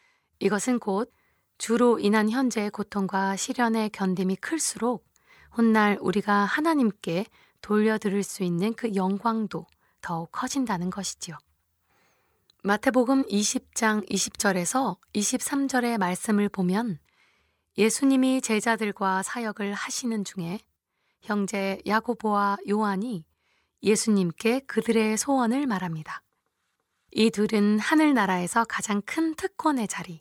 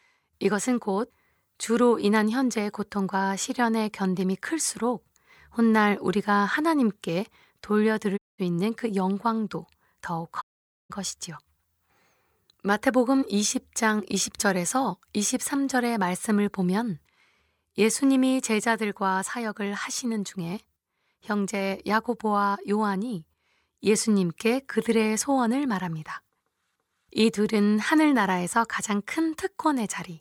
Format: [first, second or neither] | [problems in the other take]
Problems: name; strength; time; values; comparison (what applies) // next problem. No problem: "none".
first | audio cutting out; at 8 s and at 10 s